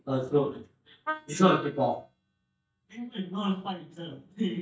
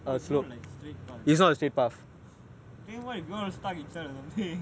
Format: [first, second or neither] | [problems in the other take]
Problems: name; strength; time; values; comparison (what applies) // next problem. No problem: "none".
second | noise reduction (neural mask model DeepFilterNet 3)